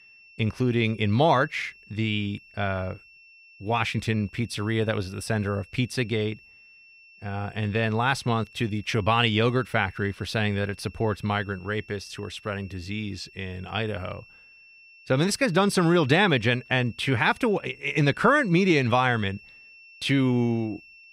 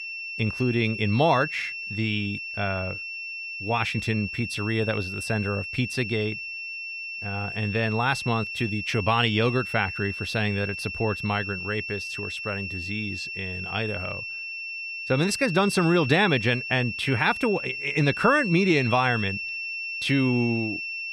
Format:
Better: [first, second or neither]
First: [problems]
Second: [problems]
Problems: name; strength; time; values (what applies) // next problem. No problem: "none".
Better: first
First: high-pitched whine; faint; throughout; 2.5 kHz, 25 dB below the speech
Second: high-pitched whine; loud; throughout; 2.5 kHz, 6 dB below the speech